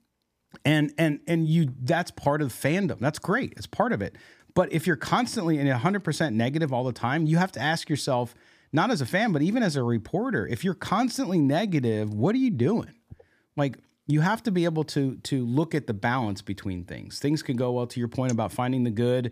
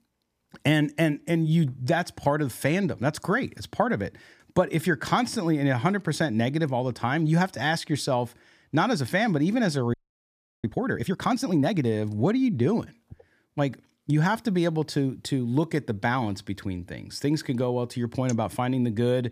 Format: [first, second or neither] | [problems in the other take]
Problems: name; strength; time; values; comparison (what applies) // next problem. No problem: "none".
first | audio freezing; at 10 s for 0.5 s